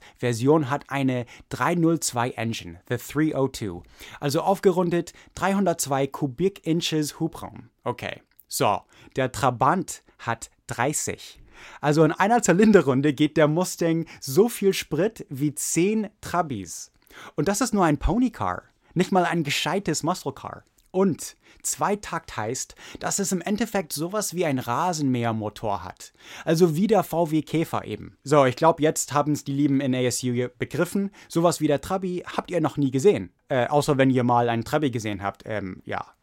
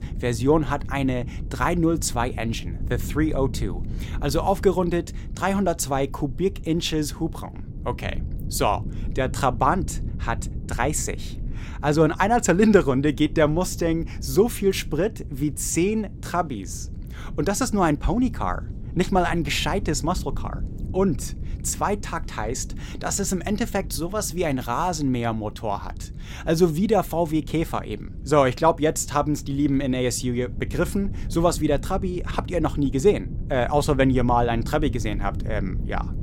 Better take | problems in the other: first | low rumble; faint; throughout; 20 dB below the speech

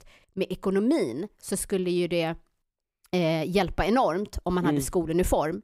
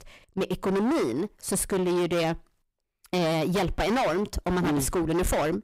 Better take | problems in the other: first | distortion; heavy; 26% of the sound clipped

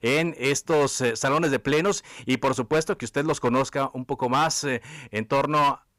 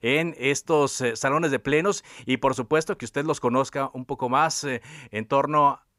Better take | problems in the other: second | distortion; slight; 9% of the sound clipped

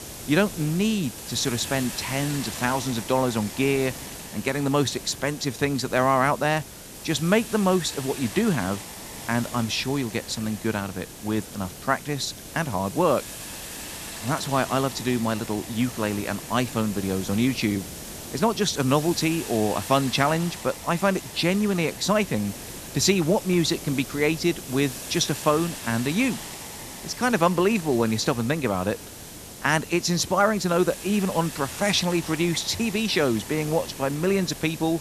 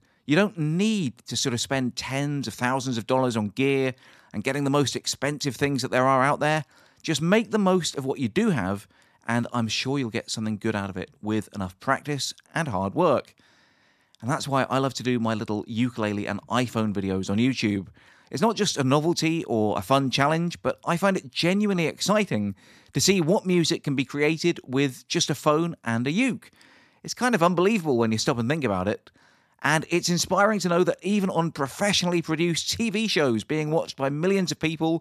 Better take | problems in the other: second | hiss; noticeable; throughout; 10 dB below the speech

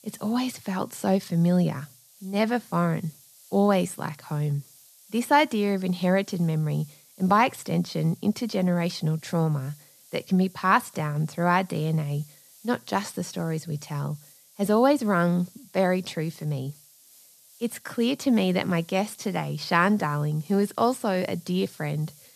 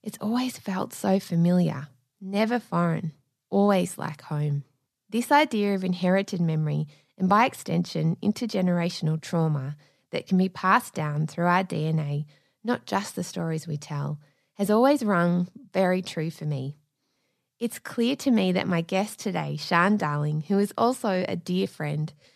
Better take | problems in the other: second | hiss; faint; throughout; 25 dB below the speech

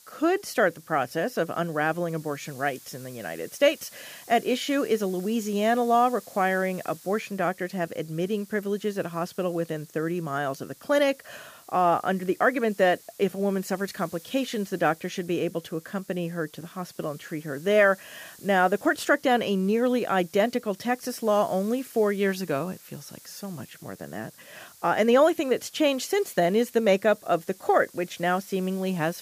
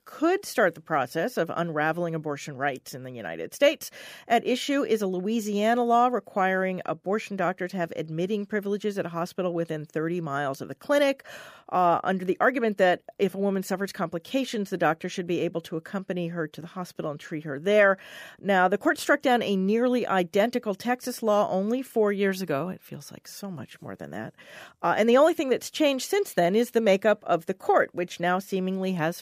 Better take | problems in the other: second | hiss; faint; throughout; 20 dB below the speech

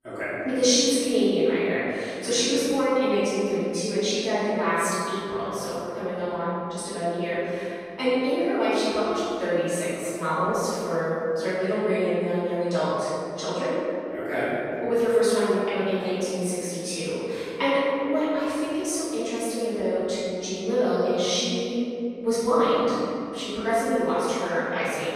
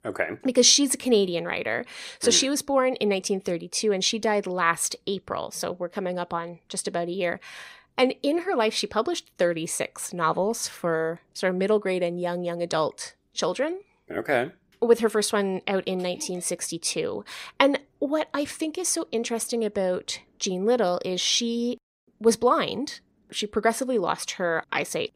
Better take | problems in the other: second | off-mic speech; far // room echo; strong; dies away in 2.5 s

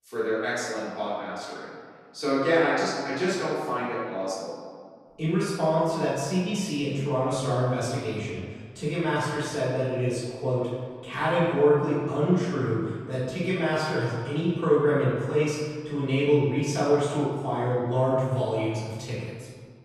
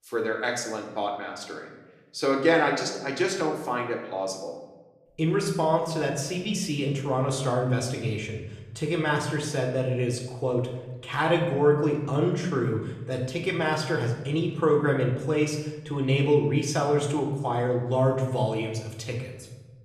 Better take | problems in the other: second | room echo; strong; dies away in 1.6 s; slight in the second // off-mic speech; far; somewhat distant in the second

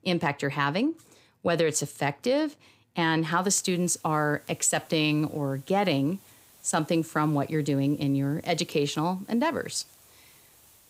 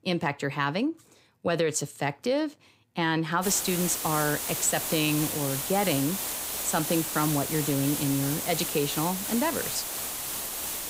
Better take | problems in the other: first | hiss; loud; from 3.5 s on; 2 dB below the speech; faint in the first

